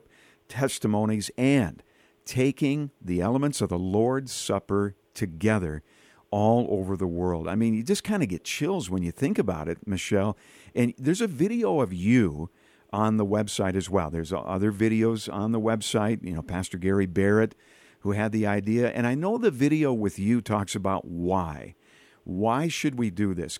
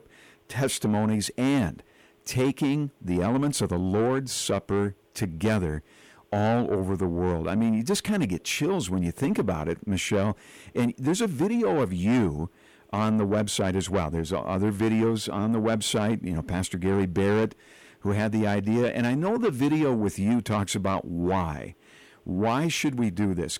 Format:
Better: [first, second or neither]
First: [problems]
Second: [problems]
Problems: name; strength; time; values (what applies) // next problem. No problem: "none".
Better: first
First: none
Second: distortion; slight; 10 dB below the speech